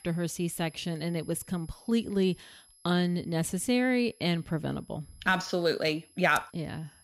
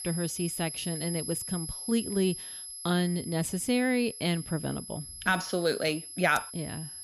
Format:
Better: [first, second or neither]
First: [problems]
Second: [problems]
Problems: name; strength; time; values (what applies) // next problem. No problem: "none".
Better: first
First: high-pitched whine; faint; throughout; 11 kHz, 25 dB below the speech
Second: high-pitched whine; loud; throughout; 11 kHz, 8 dB below the speech